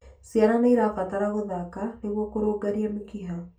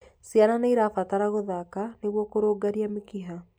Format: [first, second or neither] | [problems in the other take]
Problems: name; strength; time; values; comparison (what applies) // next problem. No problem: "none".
second | room echo; dies away in 0.2 s